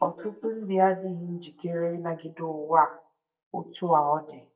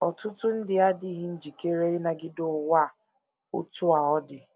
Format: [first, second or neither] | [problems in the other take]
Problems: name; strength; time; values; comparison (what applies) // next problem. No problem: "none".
second | noise reduction (neural mask model DeepFilterNet 3)